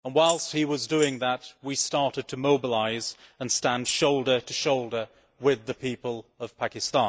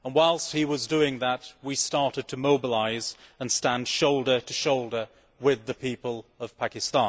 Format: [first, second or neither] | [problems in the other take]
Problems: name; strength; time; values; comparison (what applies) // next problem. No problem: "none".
second | noise reduction (neural mask model DeepFilterNet 3)